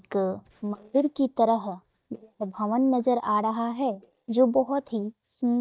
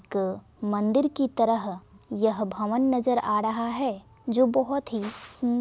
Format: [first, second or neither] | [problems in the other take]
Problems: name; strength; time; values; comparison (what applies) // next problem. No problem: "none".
second | noise reduction (neural mask model DeepFilterNet 3)